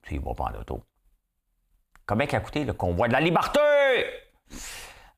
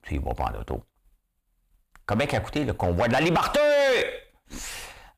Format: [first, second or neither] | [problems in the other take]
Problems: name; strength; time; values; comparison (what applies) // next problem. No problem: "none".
first | distortion; slight; 8% of the sound clipped